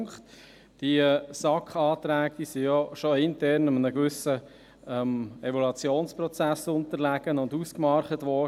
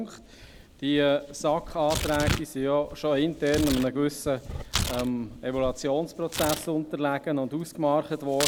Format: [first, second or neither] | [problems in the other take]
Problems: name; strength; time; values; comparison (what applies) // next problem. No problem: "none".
first | background sound (Tearing); 8 dB below the speech